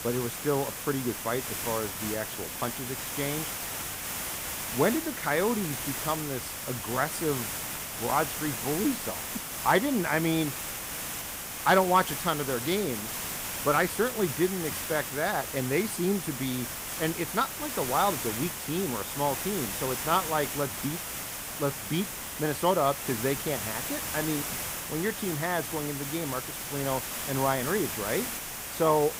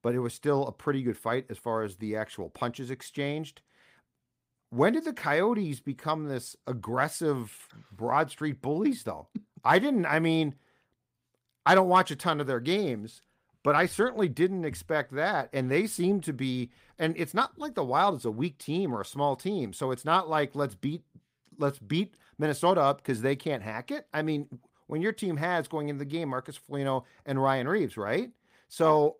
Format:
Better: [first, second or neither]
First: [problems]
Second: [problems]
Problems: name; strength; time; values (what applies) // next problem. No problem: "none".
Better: second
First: hiss; loud; throughout; 3 dB below the speech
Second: none